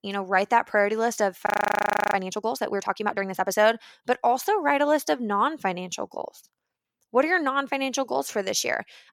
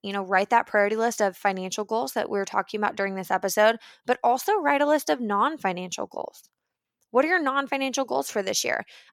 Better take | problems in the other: second | audio freezing; at 1.5 s for 0.5 s

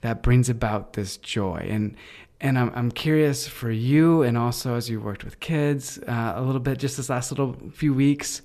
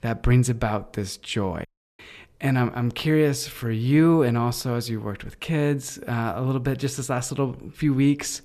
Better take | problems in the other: first | audio cutting out; at 1.5 s

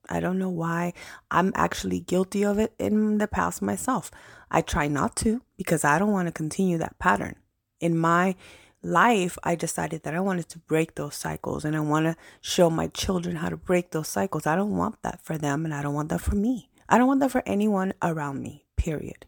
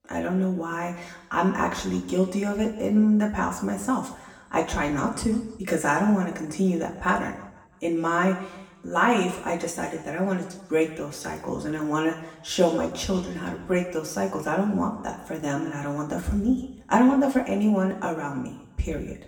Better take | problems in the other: first | room echo; slight; dies away in 0.9 s // off-mic speech; far

